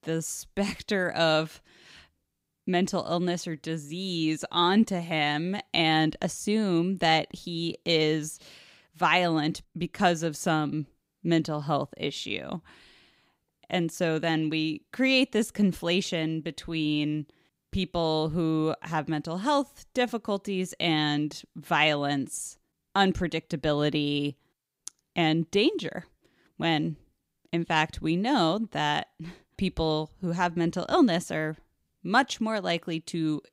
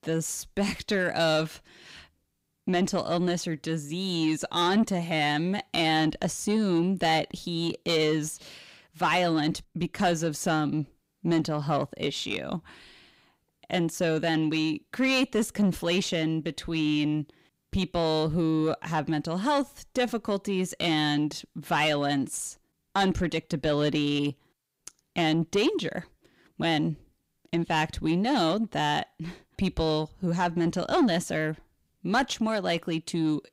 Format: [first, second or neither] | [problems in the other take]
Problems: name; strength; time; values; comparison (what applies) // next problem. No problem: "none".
first | distortion; slight; 10 dB below the speech